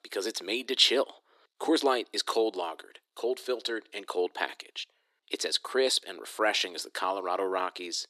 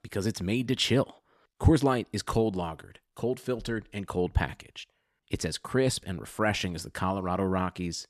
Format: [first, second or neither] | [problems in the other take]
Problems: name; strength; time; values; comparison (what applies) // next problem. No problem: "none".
second | thin; very; fading below 350 Hz